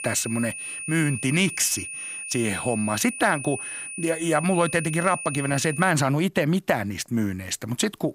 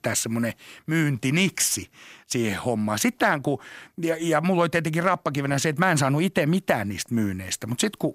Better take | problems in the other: second | high-pitched whine; loud; until 6 s; 2.5 kHz, 8 dB below the speech

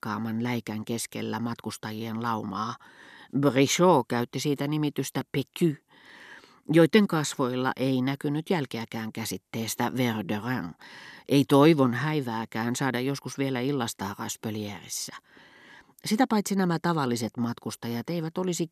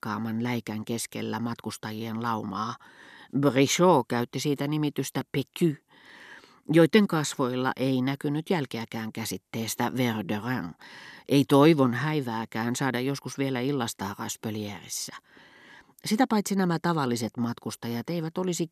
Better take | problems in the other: neither | none

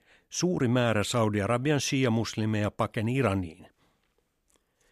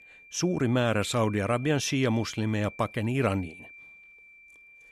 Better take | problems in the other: first | high-pitched whine; noticeable; throughout; 2.5 kHz, 20 dB below the speech

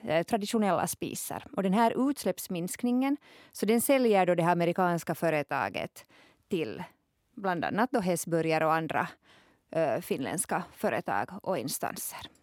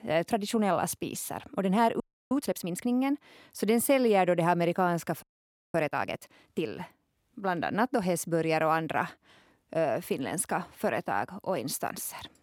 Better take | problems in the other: first | audio freezing; at 2 s and at 5 s for 0.5 s

